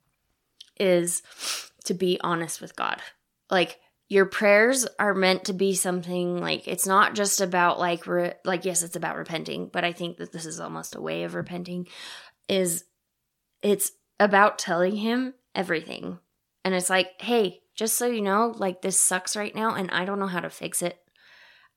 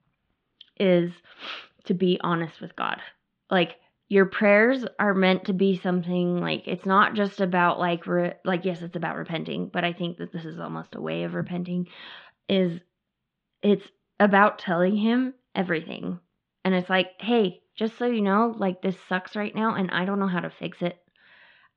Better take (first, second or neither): first